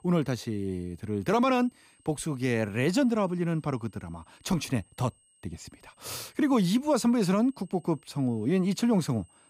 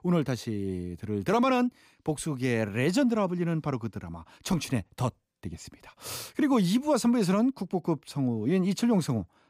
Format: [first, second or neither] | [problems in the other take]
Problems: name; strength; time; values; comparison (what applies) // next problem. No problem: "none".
second | high-pitched whine; faint; throughout; 8.5 kHz, 35 dB below the speech